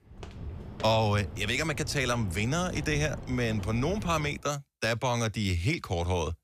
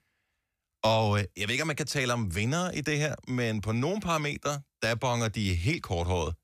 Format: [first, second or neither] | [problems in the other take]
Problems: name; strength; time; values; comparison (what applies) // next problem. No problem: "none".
second | footsteps; noticeable; until 4.5 s; peak 9 dB below the speech